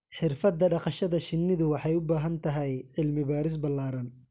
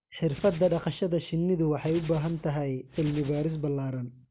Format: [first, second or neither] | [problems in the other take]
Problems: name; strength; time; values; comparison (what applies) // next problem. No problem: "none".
first | background sound (Hands); 18 dB below the speech